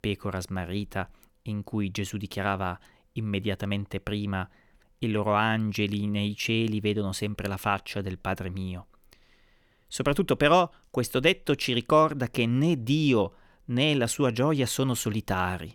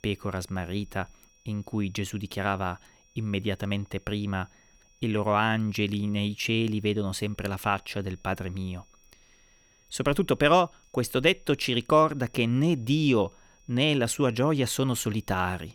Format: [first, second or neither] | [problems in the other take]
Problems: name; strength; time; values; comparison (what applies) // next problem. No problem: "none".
first | high-pitched whine; faint; throughout; 5.5 kHz, 35 dB below the speech